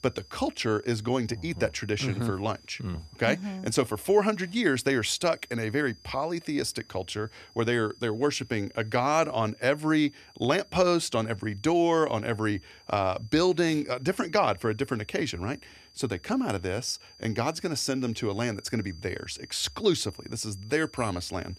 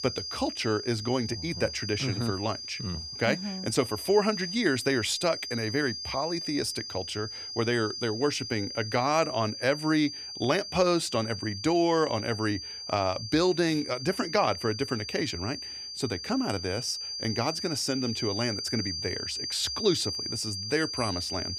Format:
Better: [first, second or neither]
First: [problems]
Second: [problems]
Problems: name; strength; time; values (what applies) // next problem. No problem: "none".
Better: first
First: high-pitched whine; faint; throughout; 4.5 kHz, 25 dB below the speech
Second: high-pitched whine; loud; throughout; 4.5 kHz, 6 dB below the speech